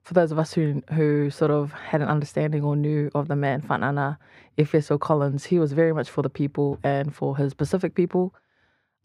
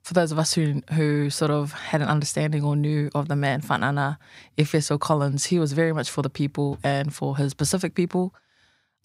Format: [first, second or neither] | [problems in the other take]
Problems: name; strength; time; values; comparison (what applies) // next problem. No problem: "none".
second | muffled; very; fading above 3.5 kHz